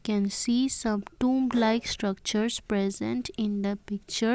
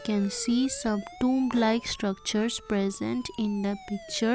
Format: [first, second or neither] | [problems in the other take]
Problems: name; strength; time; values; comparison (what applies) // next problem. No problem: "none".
first | background sound (Siren); 19 dB below the speech